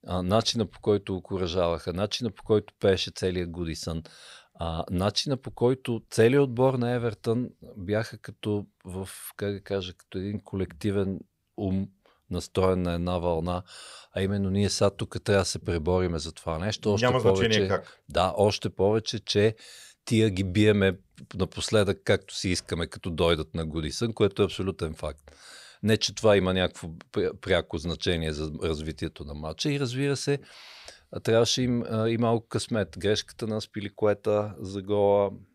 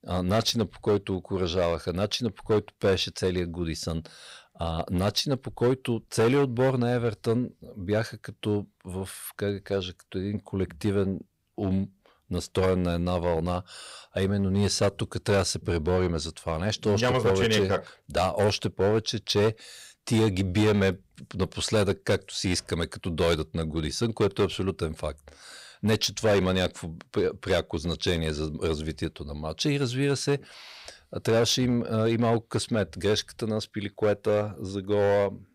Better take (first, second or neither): first